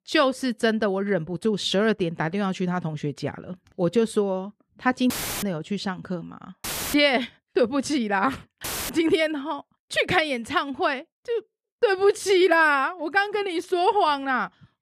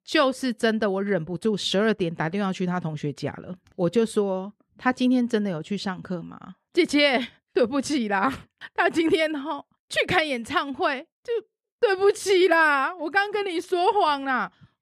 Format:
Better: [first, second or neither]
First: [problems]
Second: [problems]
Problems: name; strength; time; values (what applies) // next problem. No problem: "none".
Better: second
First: audio cutting out; filled with static; at 5 s, at 6.5 s and at 8.5 s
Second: none